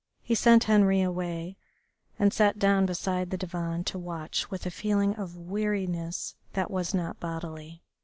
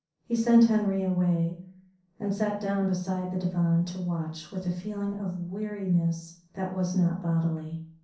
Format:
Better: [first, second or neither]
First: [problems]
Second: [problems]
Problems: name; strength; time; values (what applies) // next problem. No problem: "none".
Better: first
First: none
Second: room echo; dies away in 0.6 s